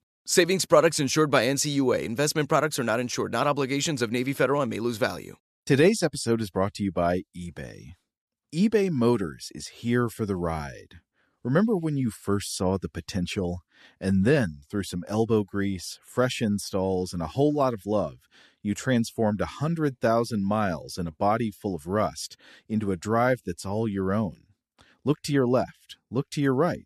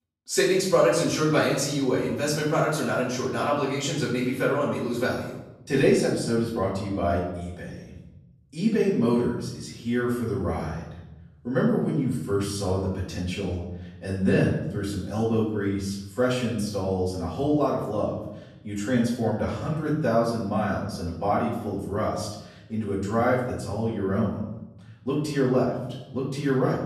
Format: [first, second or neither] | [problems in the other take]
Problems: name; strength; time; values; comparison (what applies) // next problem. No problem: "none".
first | off-mic speech; far // room echo; noticeable; dies away in 0.9 s